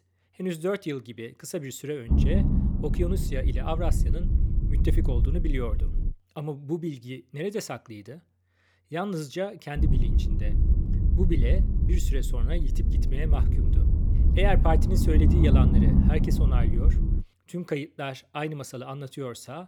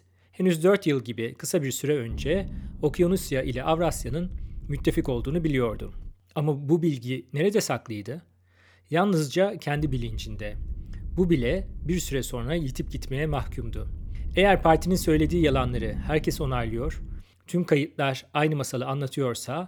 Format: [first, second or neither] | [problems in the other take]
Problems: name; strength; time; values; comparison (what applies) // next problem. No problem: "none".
second | low rumble; loud; from 2 to 6 s and from 10 to 17 s; 4 dB below the speech; faint in the second